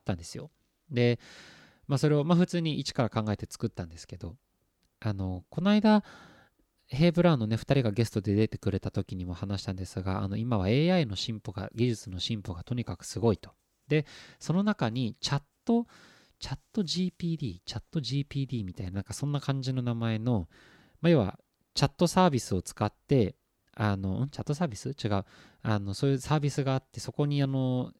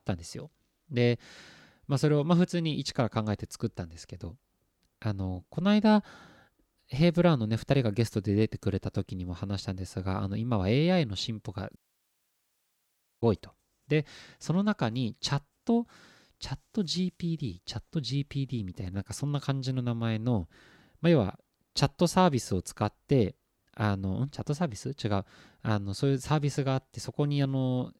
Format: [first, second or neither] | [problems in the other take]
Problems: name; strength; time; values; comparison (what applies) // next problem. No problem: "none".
first | audio cutting out; at 12 s for 1.5 s